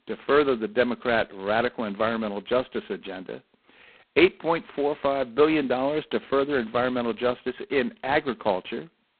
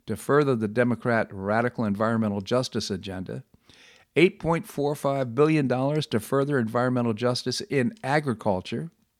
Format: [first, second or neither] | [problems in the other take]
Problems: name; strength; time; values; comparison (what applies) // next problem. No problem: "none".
second | phone-call audio; poor line; nothing above 4 kHz